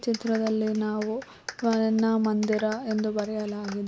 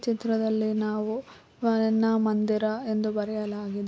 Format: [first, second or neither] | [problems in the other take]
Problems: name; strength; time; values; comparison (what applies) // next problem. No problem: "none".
second | background sound (Clapping); 17 dB below the speech